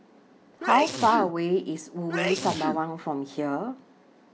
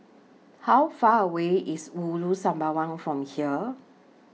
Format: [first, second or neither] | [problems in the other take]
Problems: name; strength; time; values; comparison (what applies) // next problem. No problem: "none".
second | background sound (Sneeze); 6 dB below the speech